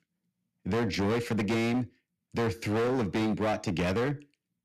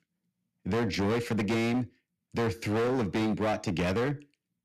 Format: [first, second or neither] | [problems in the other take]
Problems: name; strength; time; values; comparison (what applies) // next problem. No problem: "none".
neither | distortion; heavy; 20% of the sound clipped; the same in both